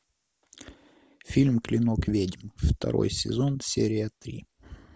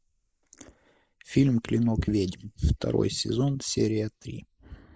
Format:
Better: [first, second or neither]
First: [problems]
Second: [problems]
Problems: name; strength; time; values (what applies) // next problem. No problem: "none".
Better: first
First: none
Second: noise reduction (neural mask model Resemble Enhance denoiser)